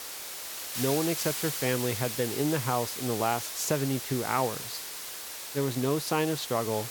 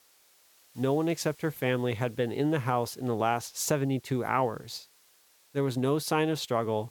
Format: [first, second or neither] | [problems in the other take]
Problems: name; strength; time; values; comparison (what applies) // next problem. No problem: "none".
second | hiss; loud; throughout; 4 dB below the speech; faint in the second